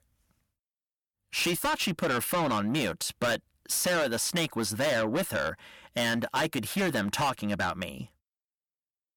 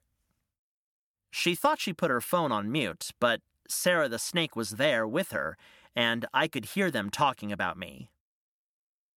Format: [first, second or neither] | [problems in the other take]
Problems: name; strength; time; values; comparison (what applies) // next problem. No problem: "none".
second | distortion; heavy; 6 dB below the speech